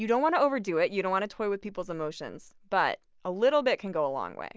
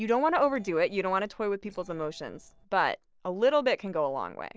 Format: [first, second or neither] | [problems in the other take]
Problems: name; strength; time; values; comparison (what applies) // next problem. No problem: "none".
first | noise reduction (neural separator model SepFormer DNS4)